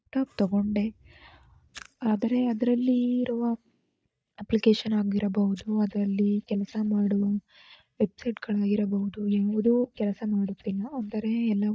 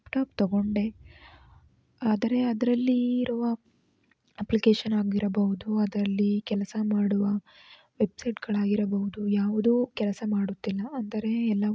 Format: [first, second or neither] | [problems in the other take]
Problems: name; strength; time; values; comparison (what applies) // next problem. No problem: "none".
second | noise reduction (neural mask model DeepFilterNet 3)